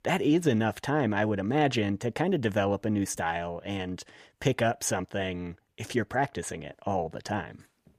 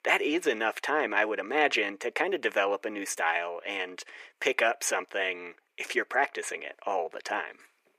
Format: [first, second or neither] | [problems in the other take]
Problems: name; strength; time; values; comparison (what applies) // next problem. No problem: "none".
first | thin; very; fading below 400 Hz